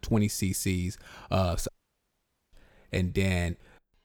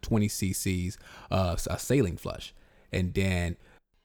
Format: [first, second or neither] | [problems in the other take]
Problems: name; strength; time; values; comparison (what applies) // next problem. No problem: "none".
second | audio cutting out; at 1.5 s for 1 s